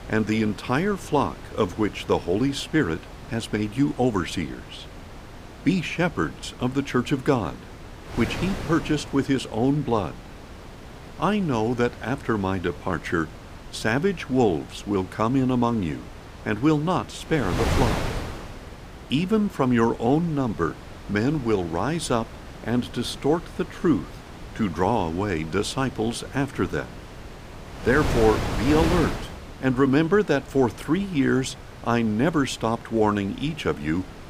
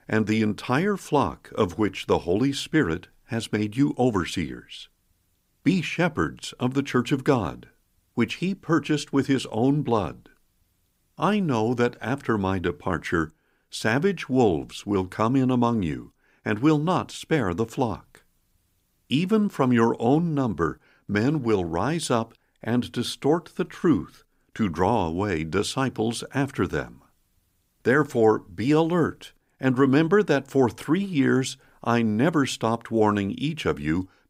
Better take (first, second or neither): second